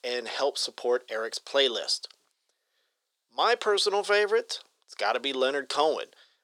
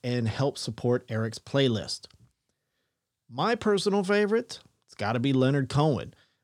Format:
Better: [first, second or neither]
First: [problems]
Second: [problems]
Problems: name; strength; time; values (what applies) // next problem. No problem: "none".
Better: second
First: thin; very; fading below 450 Hz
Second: none